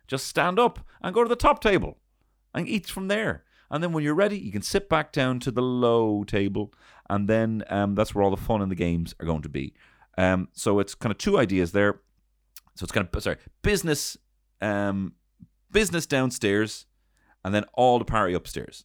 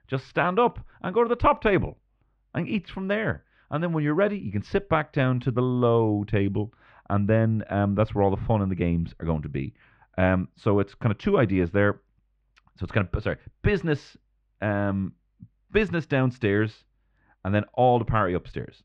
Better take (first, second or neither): first